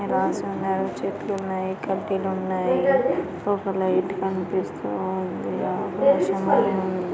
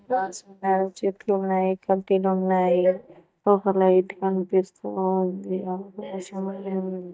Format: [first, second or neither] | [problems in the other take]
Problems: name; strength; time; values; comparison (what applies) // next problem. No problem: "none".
first | noise reduction (neural mask model DeepFilterNet 3)